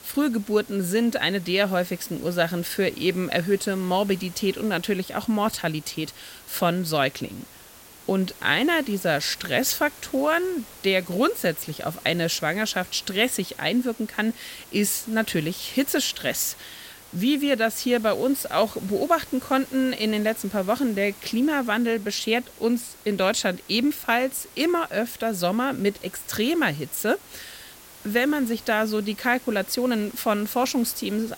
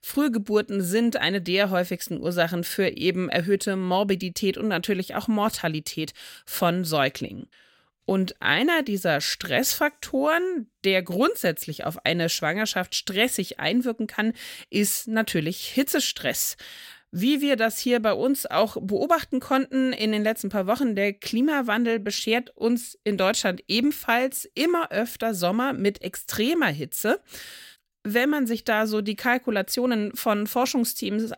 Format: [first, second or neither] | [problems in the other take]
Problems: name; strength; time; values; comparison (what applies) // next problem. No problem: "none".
second | hiss; noticeable; throughout; 20 dB below the speech